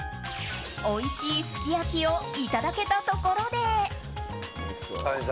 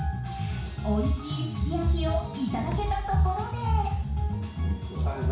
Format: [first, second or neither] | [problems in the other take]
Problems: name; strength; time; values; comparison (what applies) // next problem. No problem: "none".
first | background sound (Bass drum); 10 dB below the speech // room echo; dies away in 0.6 s